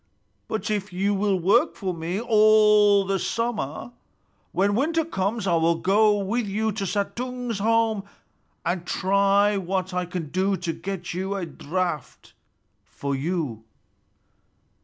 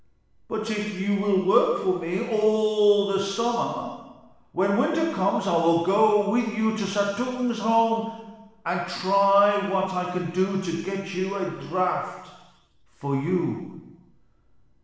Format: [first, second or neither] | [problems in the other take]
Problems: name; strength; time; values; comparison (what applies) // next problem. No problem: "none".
first | room echo; dies away in 1.1 s